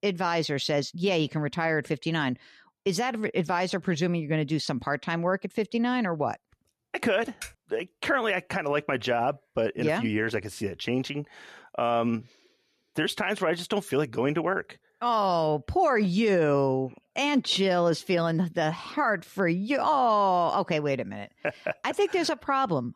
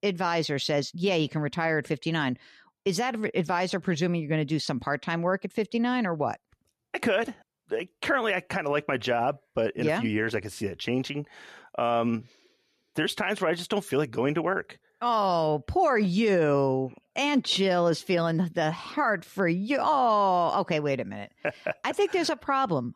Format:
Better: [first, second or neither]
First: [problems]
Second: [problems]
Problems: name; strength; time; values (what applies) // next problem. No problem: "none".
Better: second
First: keyboard typing; faint; at 7.5 s; peak 15 dB below the speech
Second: none